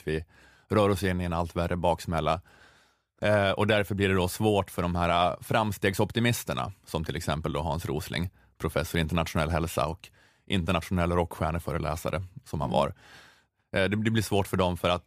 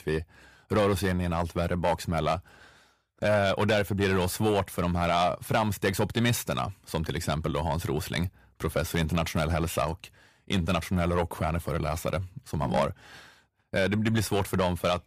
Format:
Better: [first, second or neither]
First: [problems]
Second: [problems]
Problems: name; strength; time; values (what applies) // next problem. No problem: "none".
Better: first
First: none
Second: distortion; slight; 10 dB below the speech